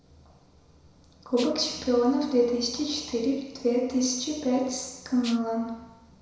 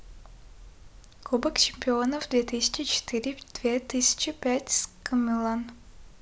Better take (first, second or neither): second